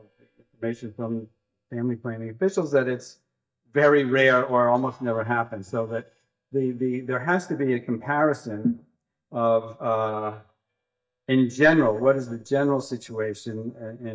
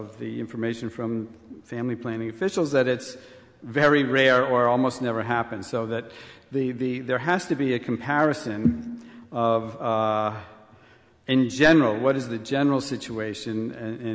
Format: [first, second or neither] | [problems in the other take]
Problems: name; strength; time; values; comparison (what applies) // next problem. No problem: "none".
second | noise reduction (neural mask model DeepFilterNet 3)